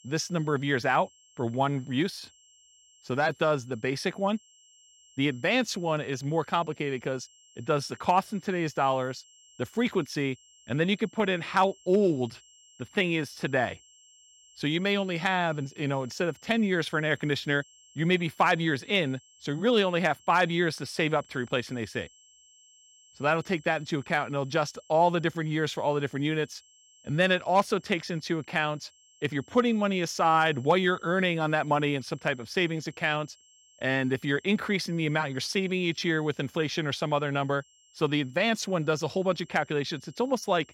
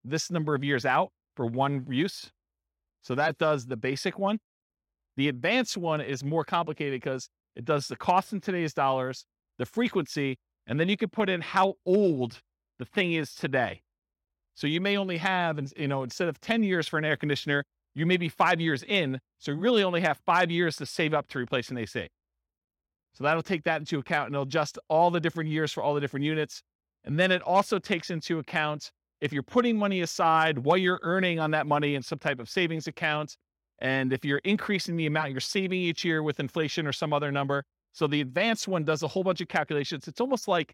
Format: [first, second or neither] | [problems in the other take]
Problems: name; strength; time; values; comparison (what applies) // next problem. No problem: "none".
second | high-pitched whine; faint; throughout; 3 kHz, 30 dB below the speech